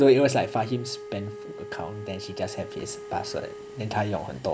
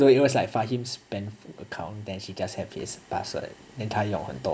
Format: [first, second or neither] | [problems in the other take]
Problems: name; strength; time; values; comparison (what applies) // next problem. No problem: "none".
second | background sound (Wind instrument, woodwind instrument); 13 dB below the speech